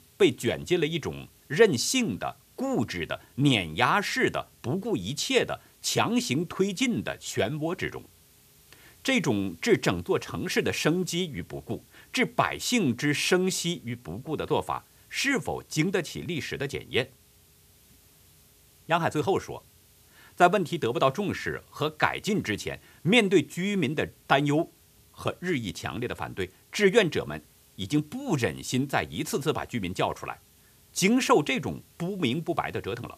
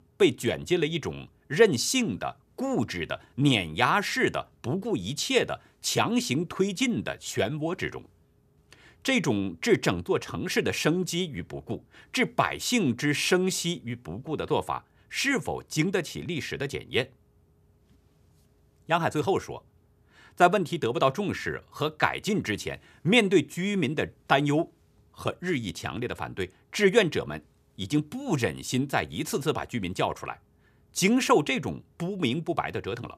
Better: second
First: hiss; faint; throughout; 30 dB below the speech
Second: none

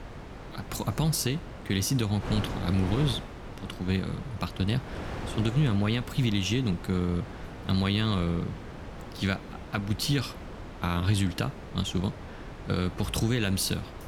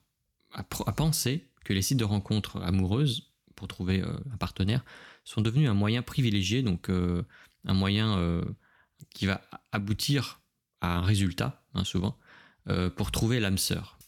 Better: second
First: wind noise on the microphone; heavy; 10 dB below the speech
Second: none

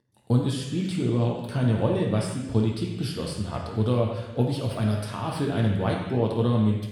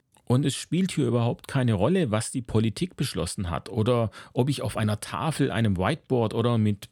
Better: second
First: room echo; noticeable; dies away in 1.1 s // off-mic speech; far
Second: none

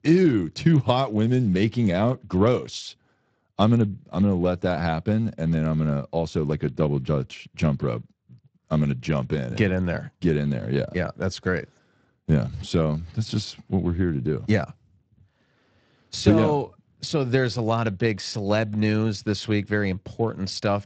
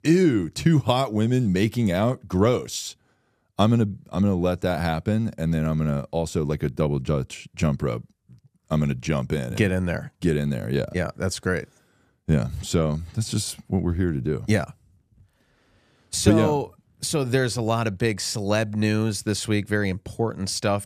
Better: second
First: garbled, watery; slightly; nothing above 8 kHz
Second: none

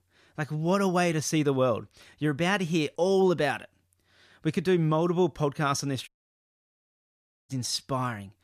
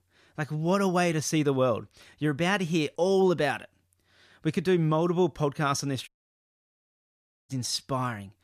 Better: neither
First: audio cutting out; at 6 s for 1.5 s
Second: audio cutting out; at 6 s for 1.5 s

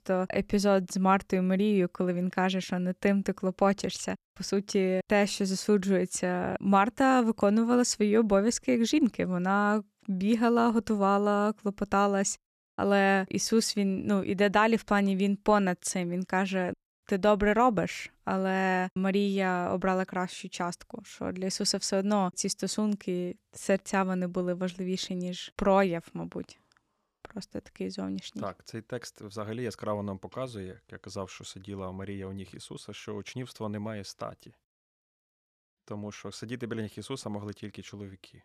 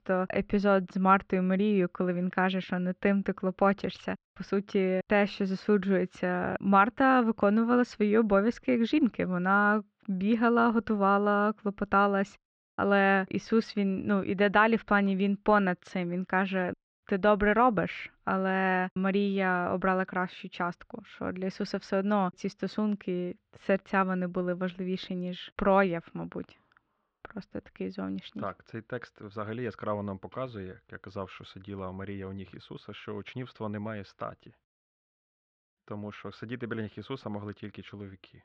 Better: first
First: none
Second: muffled; very; fading above 3.5 kHz

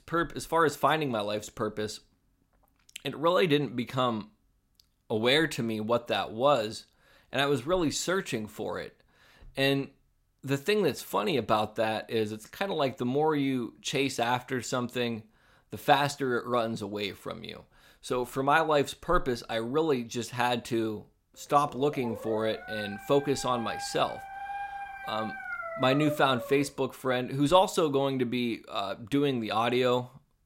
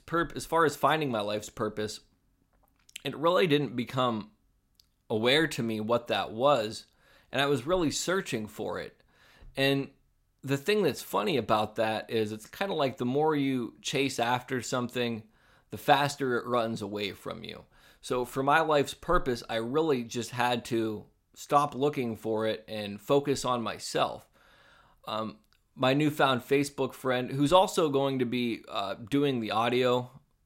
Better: second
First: dog barking; noticeable; from 22 to 27 s; peak 6 dB below the speech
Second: none

